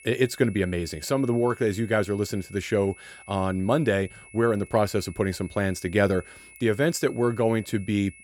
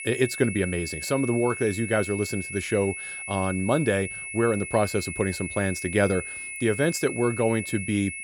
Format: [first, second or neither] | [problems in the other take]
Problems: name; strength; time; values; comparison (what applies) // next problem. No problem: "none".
first | high-pitched whine; loud; throughout; 2 kHz, 7 dB below the speech; faint in the first